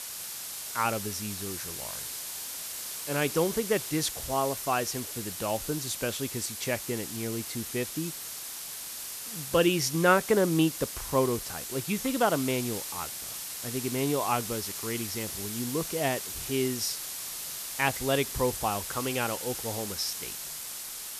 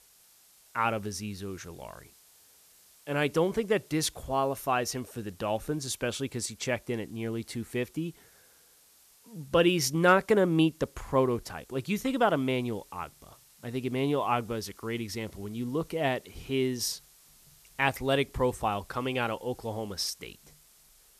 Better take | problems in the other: second | hiss; loud; throughout; 5 dB below the speech; faint in the second

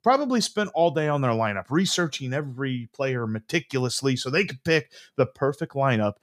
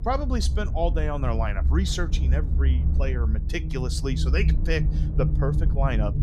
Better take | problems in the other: first | low rumble; loud; throughout; 9 dB below the speech

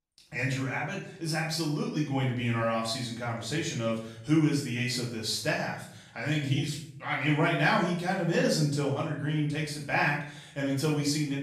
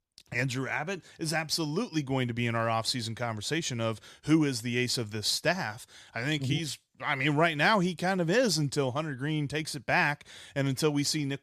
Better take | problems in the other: second | room echo; noticeable; dies away in 0.6 s // off-mic speech; far

